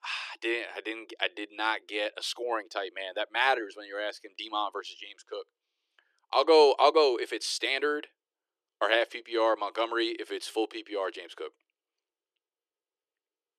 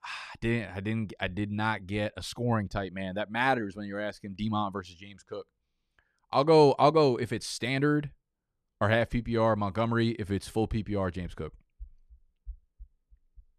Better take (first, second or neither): second